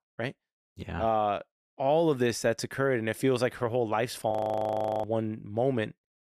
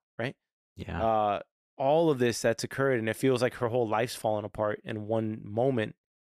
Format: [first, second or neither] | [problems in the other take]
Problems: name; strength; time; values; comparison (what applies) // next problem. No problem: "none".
second | audio freezing; at 4.5 s for 0.5 s